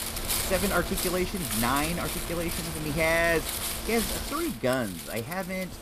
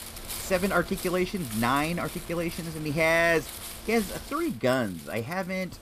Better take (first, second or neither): second